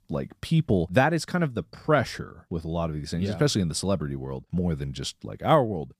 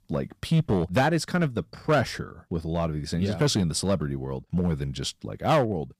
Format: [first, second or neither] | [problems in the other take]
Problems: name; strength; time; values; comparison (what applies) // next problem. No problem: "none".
first | distortion; slight; 4% of the sound clipped